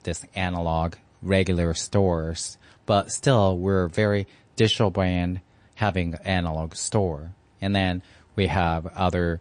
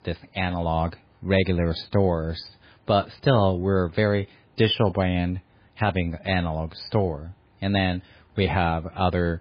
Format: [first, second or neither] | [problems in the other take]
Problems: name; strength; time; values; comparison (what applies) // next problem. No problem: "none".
first | garbled, watery; badly; nothing above 4 kHz; slightly in the first